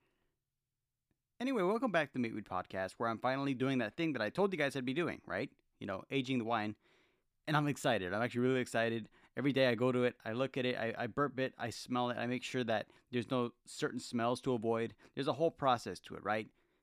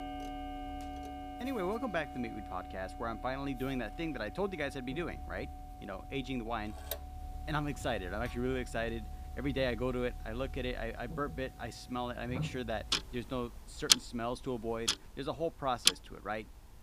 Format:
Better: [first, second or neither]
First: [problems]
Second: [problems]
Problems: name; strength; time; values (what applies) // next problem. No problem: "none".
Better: first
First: none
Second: household noises; very loud; throughout; as loud as the speech